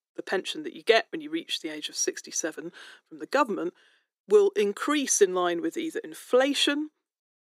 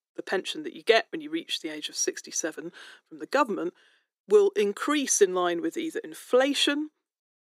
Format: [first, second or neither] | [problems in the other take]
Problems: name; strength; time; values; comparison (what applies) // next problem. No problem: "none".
neither | thin; somewhat; fading below 350 Hz; the same in both